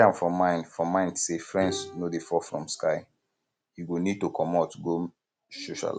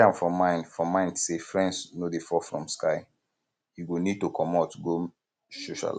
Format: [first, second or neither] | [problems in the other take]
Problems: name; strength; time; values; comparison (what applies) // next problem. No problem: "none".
second | background sound (Bowed string instrument); 15 dB below the speech